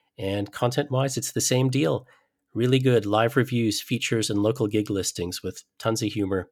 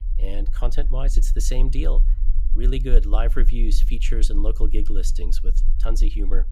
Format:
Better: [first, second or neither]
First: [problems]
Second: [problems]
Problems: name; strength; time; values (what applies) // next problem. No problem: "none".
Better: first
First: none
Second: low rumble; noticeable; throughout; 15 dB below the speech